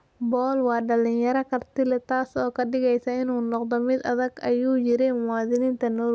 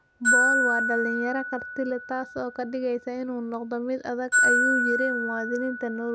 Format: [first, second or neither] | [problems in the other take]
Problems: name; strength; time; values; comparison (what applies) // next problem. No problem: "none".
first | background sound (Glockenspiel); 2 dB above the speech